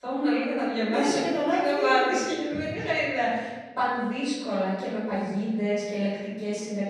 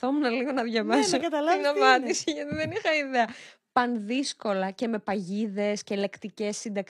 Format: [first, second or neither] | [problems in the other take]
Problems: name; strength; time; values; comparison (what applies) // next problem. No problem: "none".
second | room echo; strong; dies away in 1.4 s // off-mic speech; far